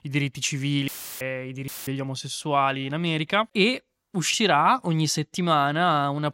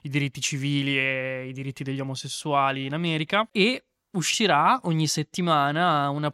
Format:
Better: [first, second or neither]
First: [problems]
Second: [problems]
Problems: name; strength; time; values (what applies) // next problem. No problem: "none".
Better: second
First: audio cutting out; filled with static; at 1 s and at 1.5 s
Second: none